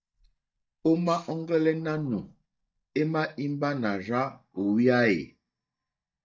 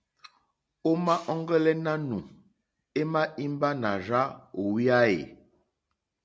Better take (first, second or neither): second